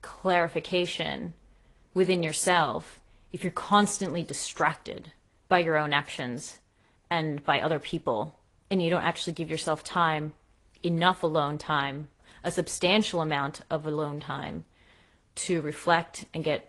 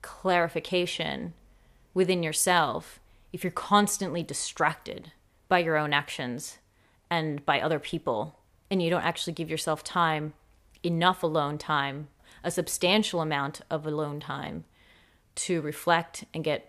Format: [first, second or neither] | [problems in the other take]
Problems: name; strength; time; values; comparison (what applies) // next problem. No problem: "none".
second | garbled, watery; slightly; nothing above 10.5 kHz